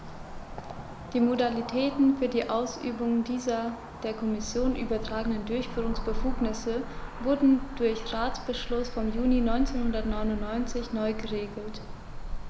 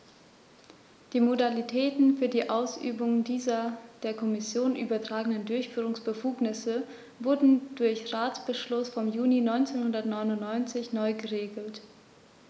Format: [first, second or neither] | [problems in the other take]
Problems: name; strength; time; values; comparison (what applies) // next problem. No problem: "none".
second | background sound (Cricket / Motor vehicle (road)); 5 dB below the speech